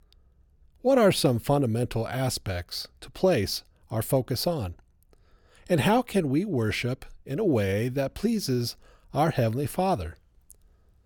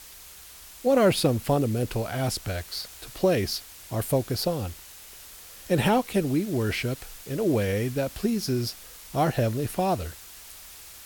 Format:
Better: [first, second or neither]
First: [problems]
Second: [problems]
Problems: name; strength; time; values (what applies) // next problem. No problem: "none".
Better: first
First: none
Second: hiss; noticeable; throughout; 15 dB below the speech